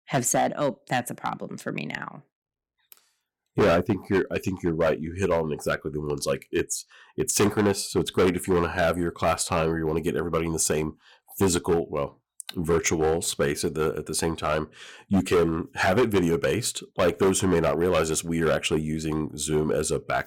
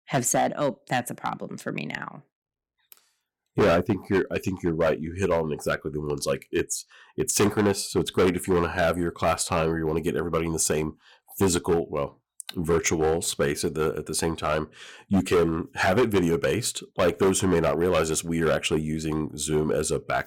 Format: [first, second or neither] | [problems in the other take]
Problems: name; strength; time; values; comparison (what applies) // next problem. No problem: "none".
neither | distortion; heavy; 6% of the sound clipped; the same in both